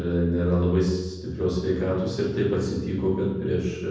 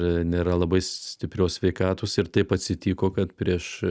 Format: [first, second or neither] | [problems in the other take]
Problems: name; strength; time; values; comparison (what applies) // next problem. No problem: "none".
second | room echo; dies away in 1.1 s